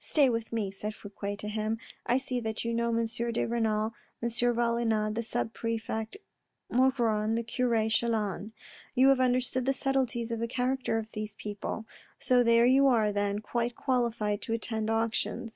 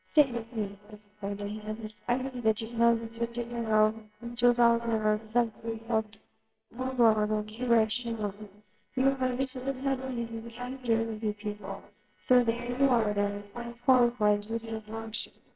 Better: first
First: none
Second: noise reduction (neural separator model SepFormer WHAMR!)

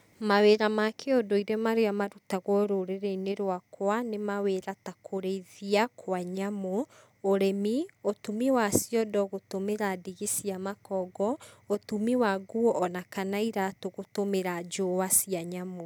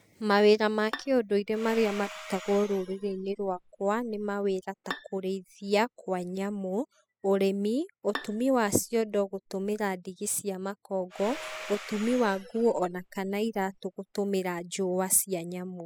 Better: first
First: none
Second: noise reduction (classical method spectral subtraction)

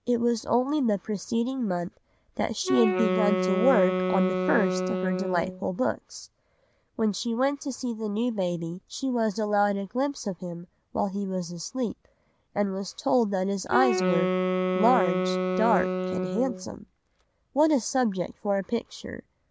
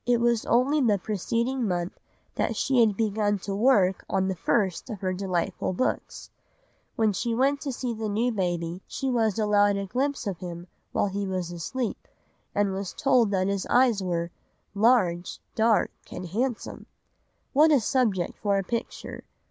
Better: second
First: background sound (Wind instrument, woodwind instrument); as loud as the speech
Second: none

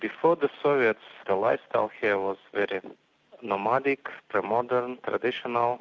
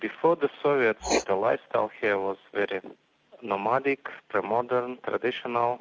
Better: first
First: none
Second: background sound (Writing); 12 dB below the speech

